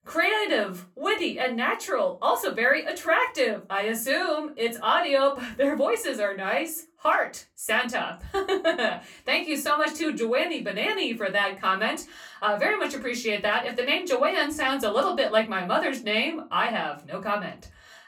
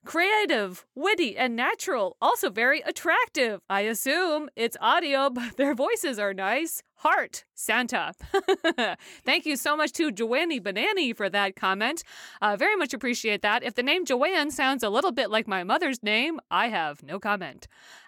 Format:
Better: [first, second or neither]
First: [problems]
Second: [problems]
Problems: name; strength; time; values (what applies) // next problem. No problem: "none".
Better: second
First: off-mic speech; far // room echo; very slight; dies away in 0.2 s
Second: none